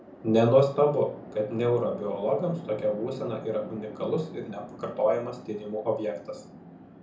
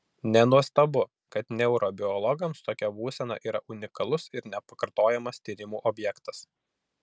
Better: second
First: background sound (Chatter / Traffic noise, roadway noise / Train); 16 dB below the speech // room echo; dies away in 0.6 s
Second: none

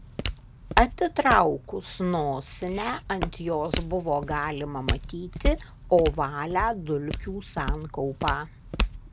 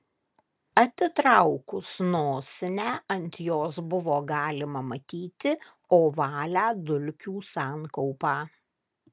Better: second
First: background sound (Walk, footsteps); 5 dB below the speech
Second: none

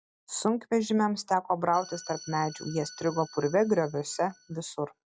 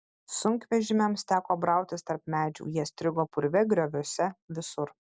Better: second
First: noise reduction (classical method log-MMSE)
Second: none

